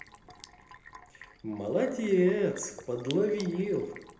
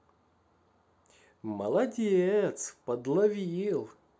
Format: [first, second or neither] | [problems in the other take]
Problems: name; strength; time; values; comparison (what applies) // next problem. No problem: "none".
second | background sound (Sink (filling or washing)); 19 dB below the speech // room echo; dies away in 0.8 s